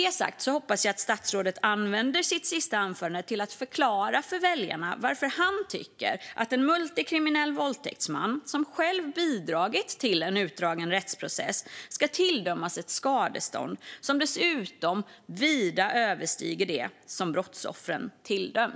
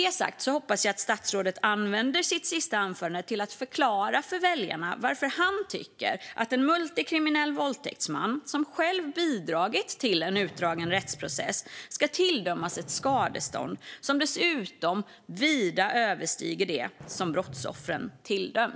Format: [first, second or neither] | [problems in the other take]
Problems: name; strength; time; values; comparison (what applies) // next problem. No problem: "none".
first | background sound (Fireworks); 17 dB below the speech